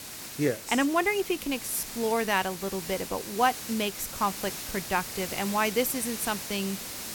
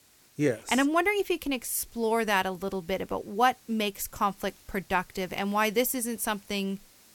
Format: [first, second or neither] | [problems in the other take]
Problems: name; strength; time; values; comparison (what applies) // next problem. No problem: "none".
second | hiss; loud; throughout; 7 dB below the speech; faint in the second